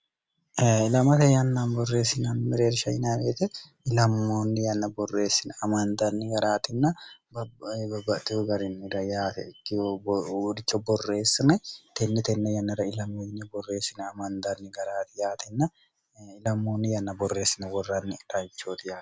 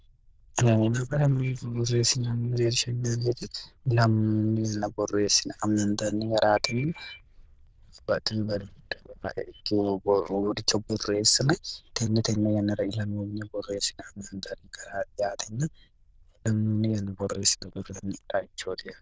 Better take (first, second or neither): first